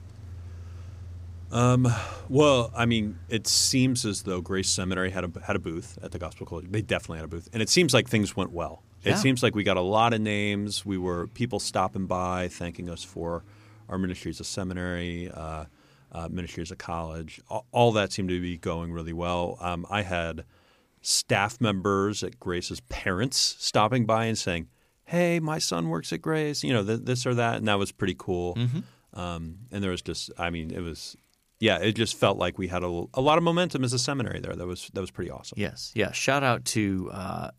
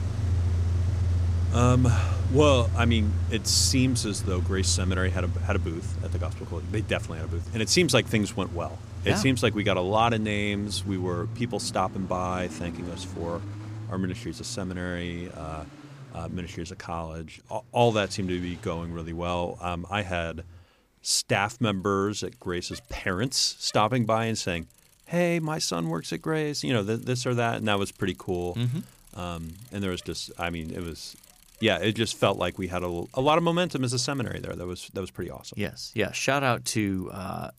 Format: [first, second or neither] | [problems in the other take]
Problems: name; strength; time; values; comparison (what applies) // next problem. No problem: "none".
first | traffic noise; loud; throughout; 4 dB below the speech; faint in the first